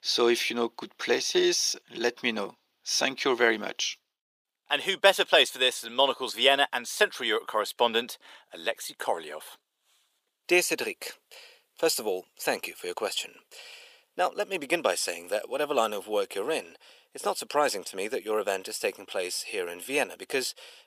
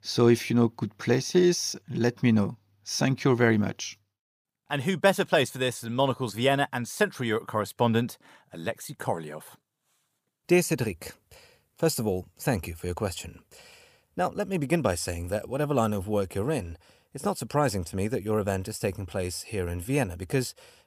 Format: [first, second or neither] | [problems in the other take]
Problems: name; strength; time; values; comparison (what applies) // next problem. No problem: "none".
second | thin; very; fading below 400 Hz